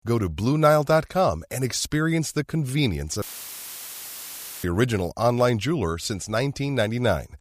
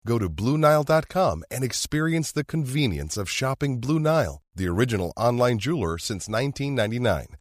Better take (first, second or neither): second